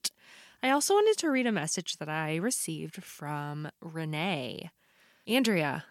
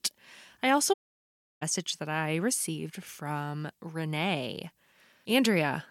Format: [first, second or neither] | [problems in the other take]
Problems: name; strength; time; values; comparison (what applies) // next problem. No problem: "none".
first | audio cutting out; at 1 s for 0.5 s